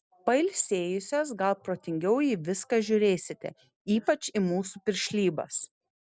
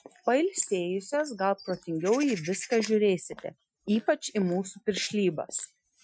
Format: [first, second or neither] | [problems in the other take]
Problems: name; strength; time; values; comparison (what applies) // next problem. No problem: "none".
first | noise reduction (classical method Wiener filter)